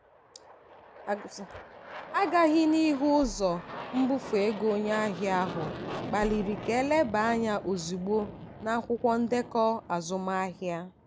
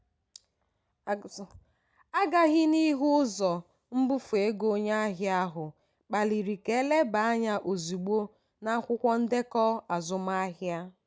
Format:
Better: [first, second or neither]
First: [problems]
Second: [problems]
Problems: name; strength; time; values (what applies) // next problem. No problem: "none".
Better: second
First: background sound (Aircraft + Bass drum); 12 dB below the speech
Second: none